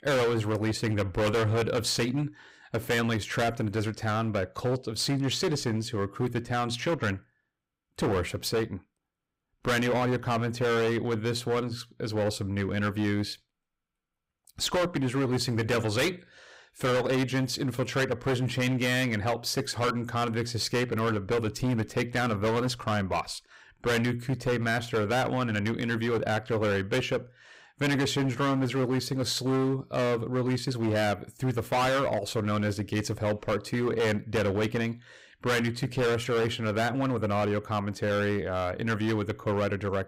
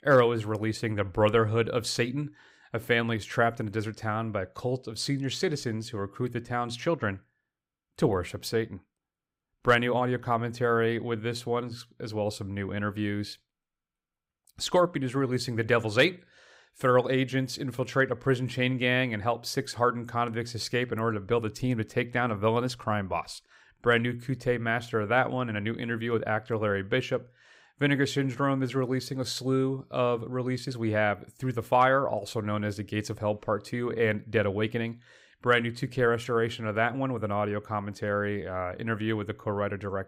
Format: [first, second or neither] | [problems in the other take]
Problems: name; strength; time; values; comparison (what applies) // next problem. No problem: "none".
second | distortion; heavy; 16% of the sound clipped